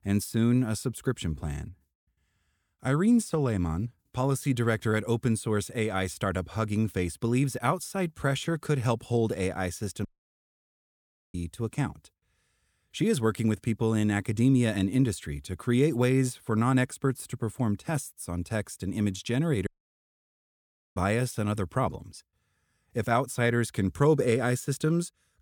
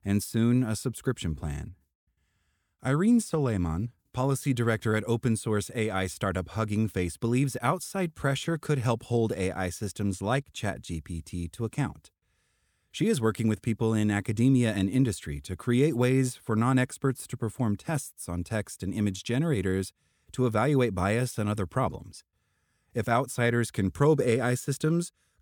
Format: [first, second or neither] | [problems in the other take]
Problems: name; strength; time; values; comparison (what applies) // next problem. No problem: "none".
second | audio cutting out; at 10 s for 1.5 s and at 20 s for 1.5 s